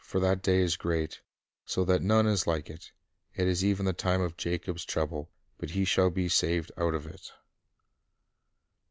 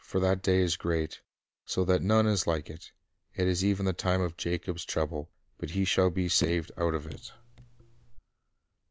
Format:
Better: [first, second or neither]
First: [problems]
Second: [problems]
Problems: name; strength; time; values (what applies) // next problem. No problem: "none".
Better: first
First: none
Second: background sound (Raindrop / Drip); 12 dB below the speech